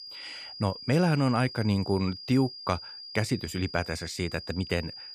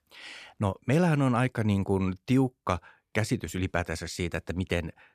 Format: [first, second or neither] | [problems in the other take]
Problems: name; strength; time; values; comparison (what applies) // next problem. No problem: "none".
second | high-pitched whine; noticeable; throughout; 5 kHz, 10 dB below the speech